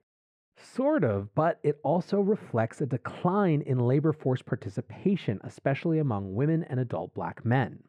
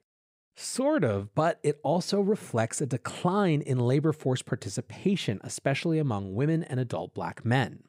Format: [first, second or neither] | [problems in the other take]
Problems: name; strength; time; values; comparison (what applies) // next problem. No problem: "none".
second | muffled; very; fading above 3.5 kHz